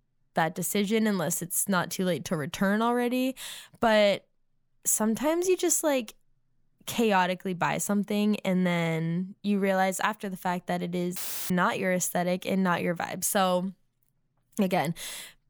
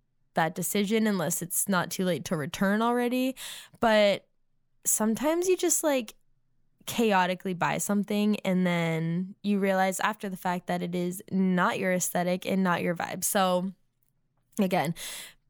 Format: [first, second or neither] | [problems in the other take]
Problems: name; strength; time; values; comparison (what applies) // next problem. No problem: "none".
second | audio cutting out; filled with static; at 11 s